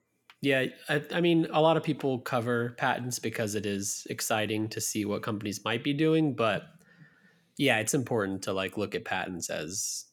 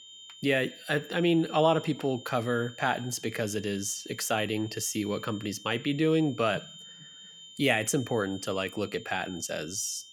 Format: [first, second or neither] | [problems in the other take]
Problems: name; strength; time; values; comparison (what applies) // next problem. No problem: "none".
first | high-pitched whine; noticeable; throughout; 3 kHz, 15 dB below the speech